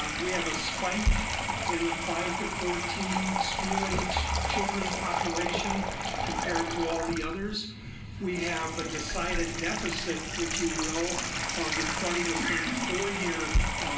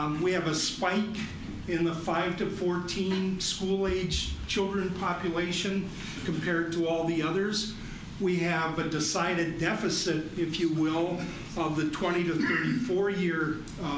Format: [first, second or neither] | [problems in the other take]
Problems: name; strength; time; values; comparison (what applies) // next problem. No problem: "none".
second | background sound (Sink (filling or washing) / Water tap, faucet); 1 dB above the speech // room echo; dies away in 0.2 s